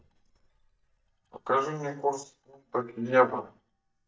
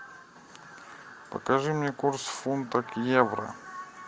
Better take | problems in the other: second | noise reduction (neural mask model DeepFilterNet 3)

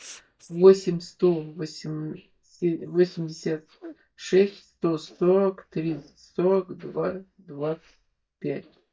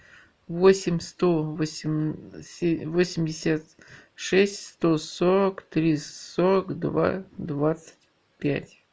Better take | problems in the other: second | noise reduction (neural mask model DeepFilterNet 3)

